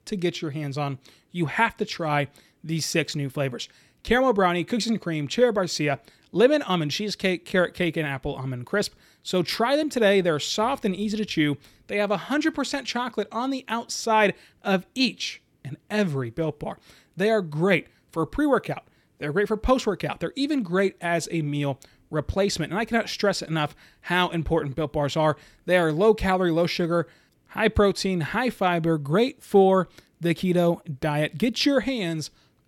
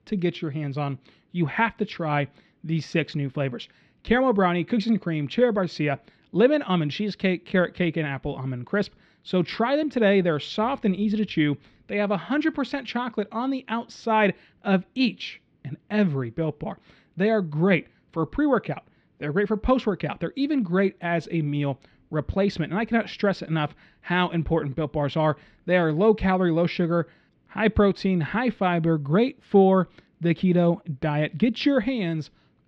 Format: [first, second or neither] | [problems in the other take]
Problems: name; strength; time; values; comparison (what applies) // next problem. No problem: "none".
first | muffled; slightly; fading above 3.5 kHz